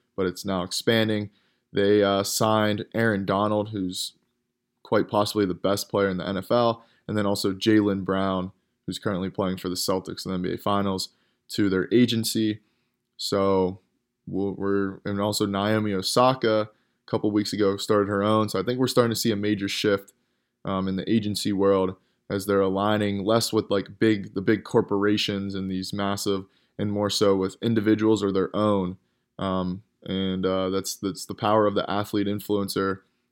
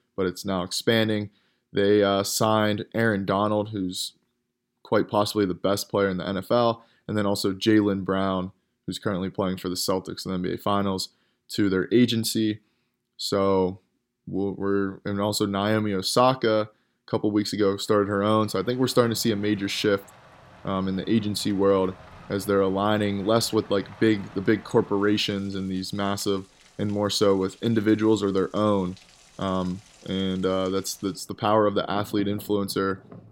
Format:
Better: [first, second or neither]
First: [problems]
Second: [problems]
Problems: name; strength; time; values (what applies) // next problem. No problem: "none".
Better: first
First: none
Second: rain or running water; faint; from 18 s on; 25 dB below the speech